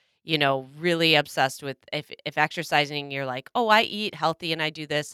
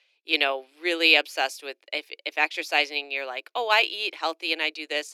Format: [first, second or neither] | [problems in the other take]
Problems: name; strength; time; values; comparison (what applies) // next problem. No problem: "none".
first | thin; somewhat; fading below 300 Hz